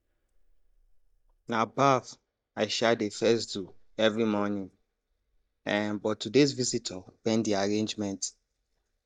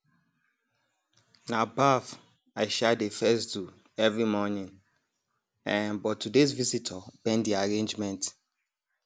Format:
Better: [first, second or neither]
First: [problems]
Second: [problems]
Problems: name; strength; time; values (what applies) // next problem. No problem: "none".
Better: second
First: noise reduction (neural mask model DeepFilterNet 3)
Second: none